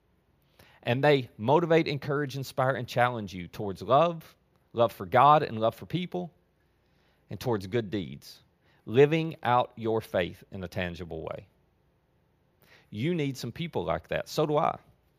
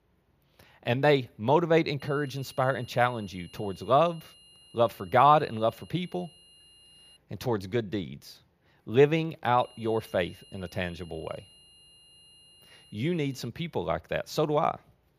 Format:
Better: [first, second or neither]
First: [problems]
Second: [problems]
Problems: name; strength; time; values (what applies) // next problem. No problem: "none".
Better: first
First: none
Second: high-pitched whine; faint; from 2 to 7 s and from 9.5 to 13 s; 3 kHz, 25 dB below the speech